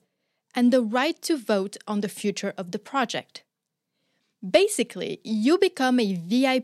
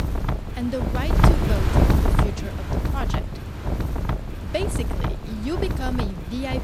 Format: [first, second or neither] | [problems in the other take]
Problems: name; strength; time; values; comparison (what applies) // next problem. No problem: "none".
first | wind noise on the microphone; heavy; 3 dB above the speech